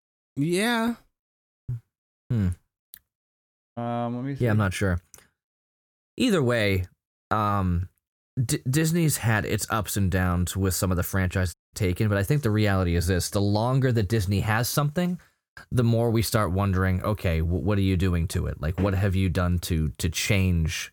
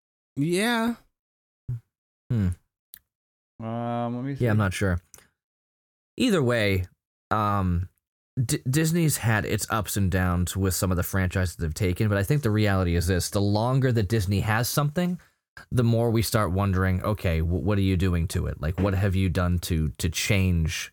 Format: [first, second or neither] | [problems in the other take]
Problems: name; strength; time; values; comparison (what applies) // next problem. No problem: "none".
second | audio cutting out; at 3.5 s and at 12 s